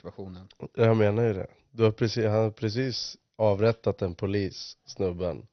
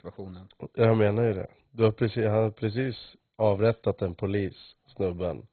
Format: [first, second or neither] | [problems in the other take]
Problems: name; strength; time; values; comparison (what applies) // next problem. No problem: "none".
first | garbled, watery; badly; nothing above 4 kHz; slightly in the first